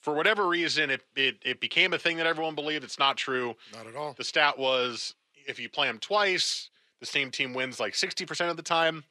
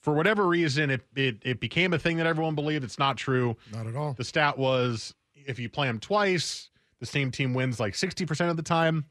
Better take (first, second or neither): second